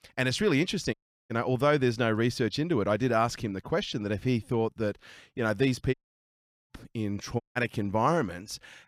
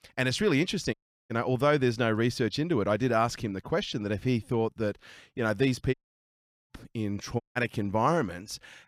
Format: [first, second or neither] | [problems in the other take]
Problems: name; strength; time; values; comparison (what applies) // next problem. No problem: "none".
neither | audio cutting out; at 1 s, at 6 s for 1 s and at 7.5 s; the same in both